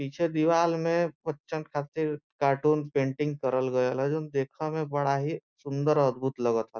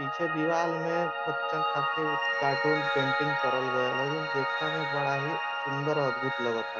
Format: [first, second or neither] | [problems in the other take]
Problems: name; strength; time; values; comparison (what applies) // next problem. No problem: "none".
first | background sound (Piano); 2 dB above the speech